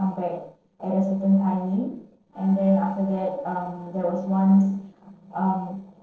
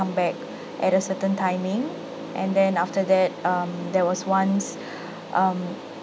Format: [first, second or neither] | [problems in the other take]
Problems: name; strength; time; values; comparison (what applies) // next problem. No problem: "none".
second | noise reduction (neural separator model SepFormer DNS4)